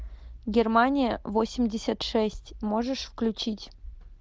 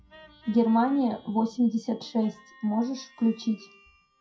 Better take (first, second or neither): first